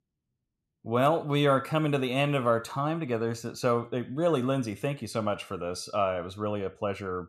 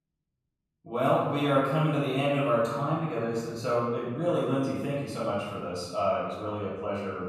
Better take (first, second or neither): first